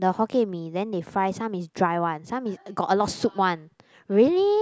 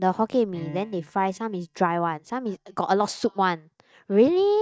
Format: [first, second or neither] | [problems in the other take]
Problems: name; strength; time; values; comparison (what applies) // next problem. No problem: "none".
first | noise reduction (neural mask model DeepFilterNet 3)